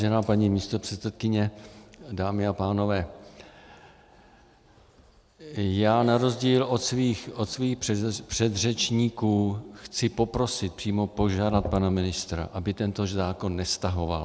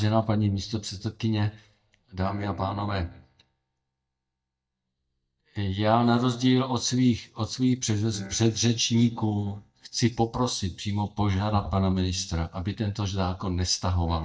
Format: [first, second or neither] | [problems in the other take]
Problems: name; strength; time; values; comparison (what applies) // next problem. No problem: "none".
first | noise reduction (neural mask model DeepFilterNet 3)